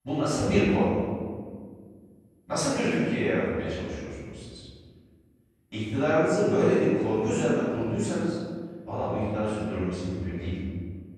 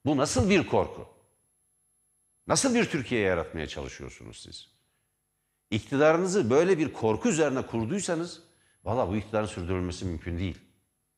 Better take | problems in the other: second | room echo; strong; dies away in 1.8 s // off-mic speech; far

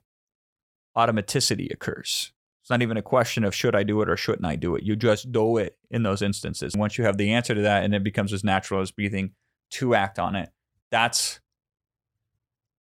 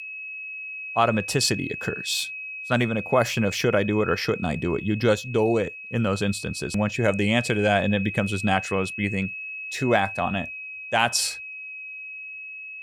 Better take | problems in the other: first | high-pitched whine; loud; throughout; 2.5 kHz, 9 dB below the speech

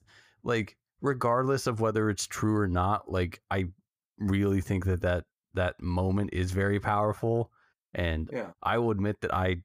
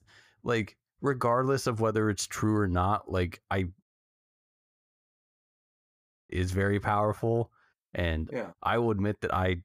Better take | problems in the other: first | audio cutting out; at 4 s for 2.5 s

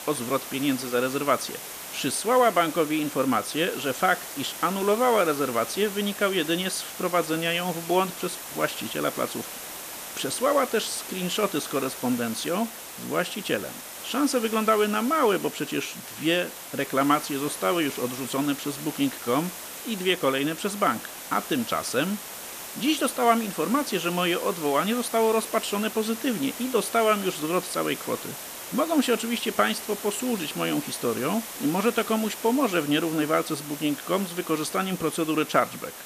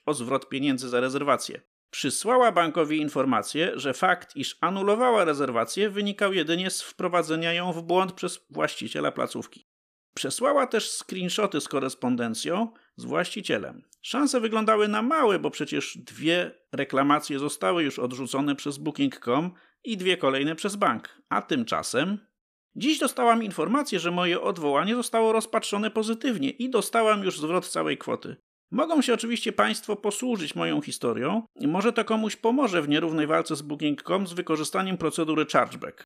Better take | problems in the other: second | hiss; loud; throughout; 10 dB below the speech

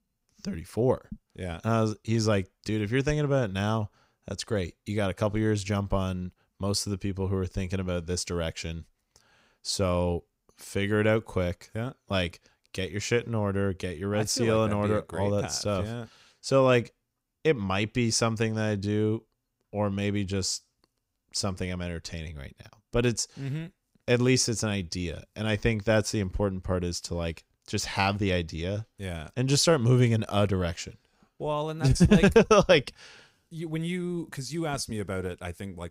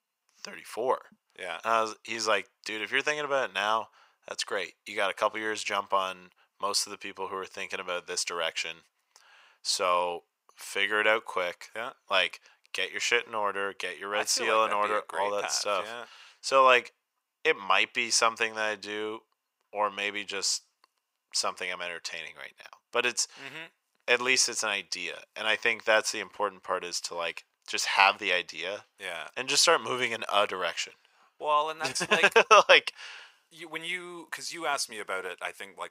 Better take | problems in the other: first | thin; very; fading below 750 Hz

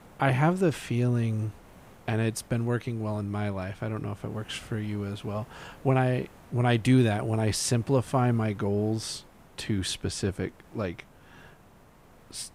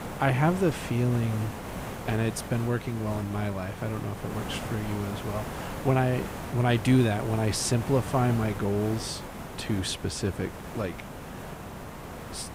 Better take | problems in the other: first | hiss; loud; throughout; 9 dB below the speech; faint in the first

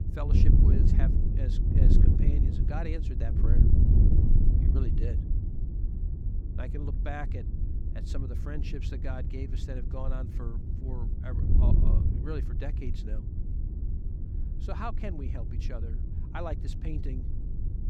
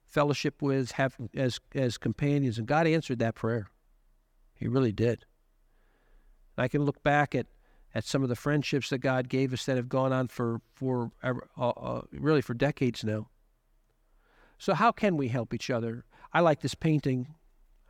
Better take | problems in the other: second | wind noise on the microphone; heavy; as loud as the speech

